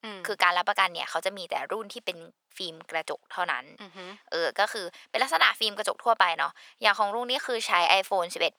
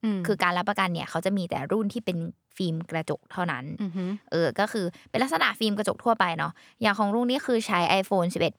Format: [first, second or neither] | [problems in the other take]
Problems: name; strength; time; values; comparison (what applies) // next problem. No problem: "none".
second | thin; very; fading below 700 Hz